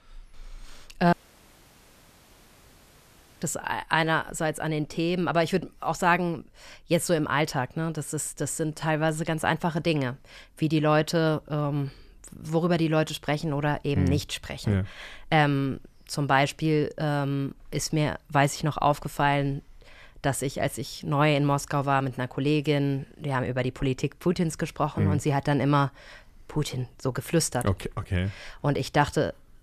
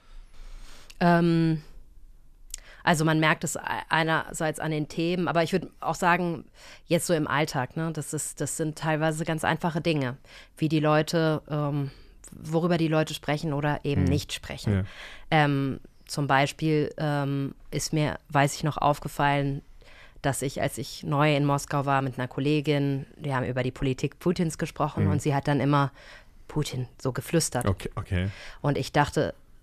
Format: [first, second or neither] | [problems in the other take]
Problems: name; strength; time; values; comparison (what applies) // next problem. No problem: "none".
second | audio cutting out; at 1 s for 2.5 s